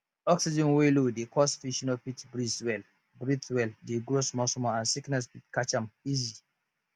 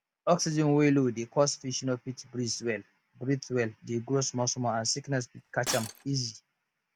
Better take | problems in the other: first | background sound (Shatter); 10 dB below the speech

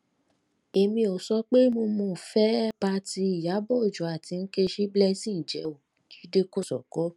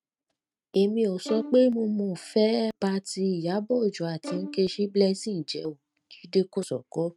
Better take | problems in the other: first | noise reduction (neural mask model RNNoise)

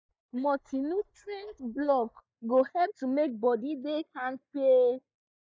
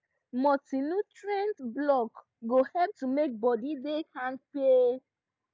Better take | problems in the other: second | noise reduction (neural mask model DeepFilterNet 3)

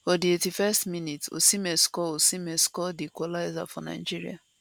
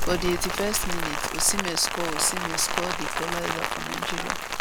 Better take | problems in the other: first | background sound (Rain); 1 dB above the speech

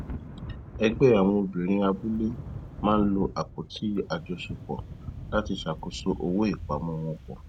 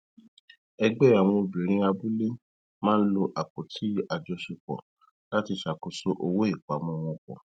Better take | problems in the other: second | background sound (Thunder / Rain); 12 dB below the speech

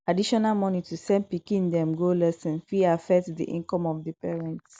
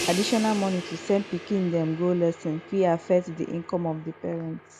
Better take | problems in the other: first | background sound (Crash cymbal); 12 dB below the speech

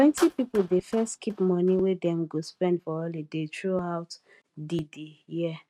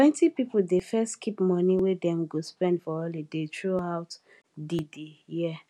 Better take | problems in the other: second | noise reduction (neural mask model RNNoise)

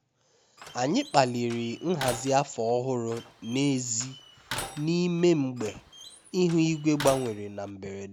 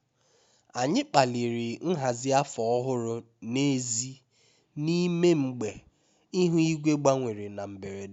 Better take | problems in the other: second | background sound (Slam); 14 dB below the speech

